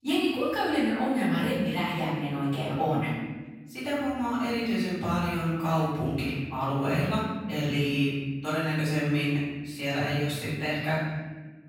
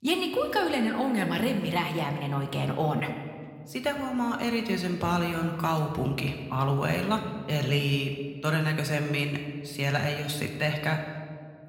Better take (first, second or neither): second